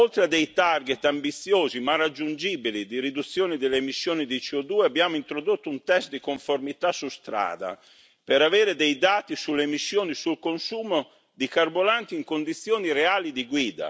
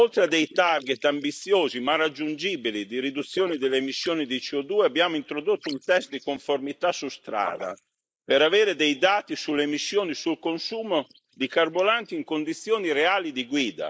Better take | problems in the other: first | noise reduction (neural mask model Resemble Enhance denoiser)

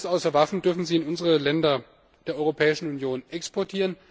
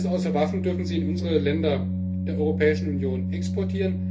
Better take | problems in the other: first | background sound (Organ); 1 dB above the speech // room echo; dies away in 0.3 s

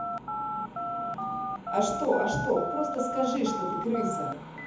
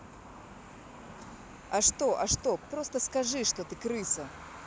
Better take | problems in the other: second | background sound (Telephone); 3 dB below the speech // room echo; dies away in 1.3 s

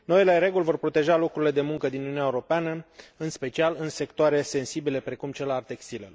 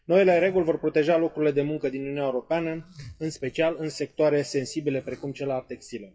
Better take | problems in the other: first | noise reduction (classical method WPE with log-MMSE)

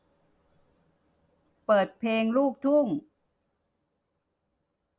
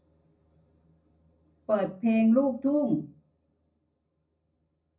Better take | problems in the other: first | room echo; dies away in 0.4 s

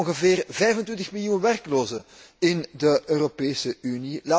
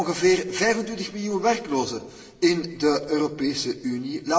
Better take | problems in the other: first | room echo; dies away in 2 s

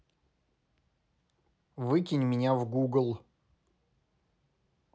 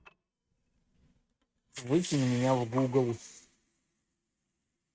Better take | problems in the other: first | noise reduction (neural mask model RNNoise)

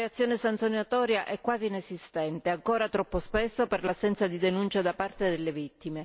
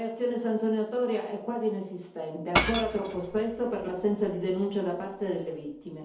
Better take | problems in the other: first | background sound (Shatter / Crushing); 4 dB below the speech // room echo; dies away in 2.2 s

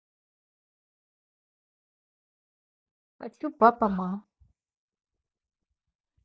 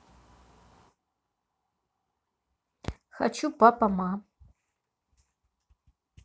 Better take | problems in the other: second | noise reduction (neural mask model DeepFilterNet 3)

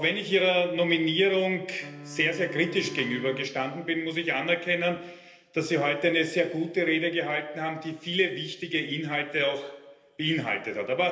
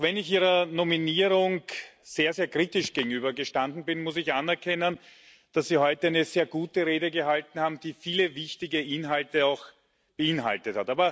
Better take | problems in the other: second | background sound (Wind instrument, woodwind instrument); 16 dB below the speech // room echo; dies away in 1.4 s

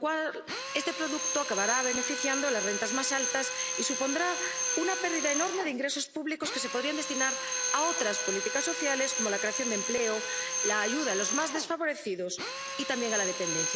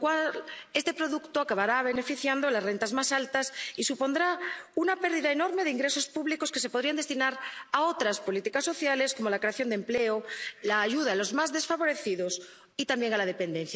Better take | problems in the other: second | background sound (Drill); 2 dB below the speech

